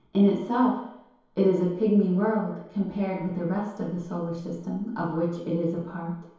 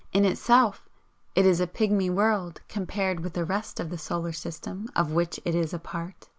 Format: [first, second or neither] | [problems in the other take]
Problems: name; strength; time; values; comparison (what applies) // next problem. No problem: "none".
second | room echo; dies away in 2.2 s